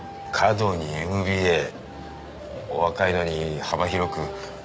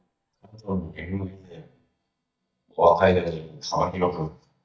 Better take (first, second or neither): first